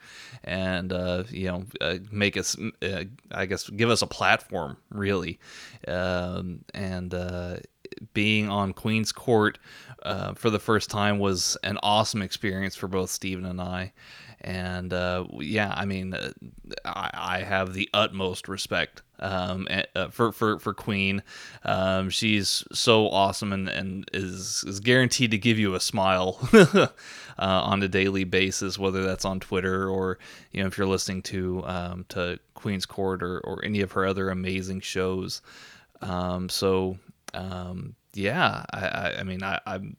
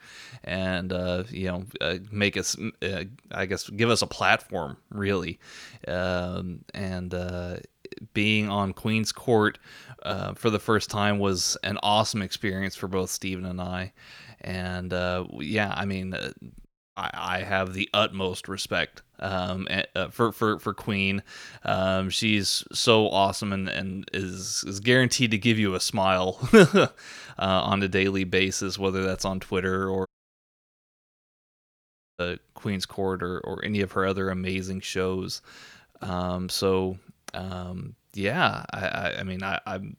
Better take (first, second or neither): first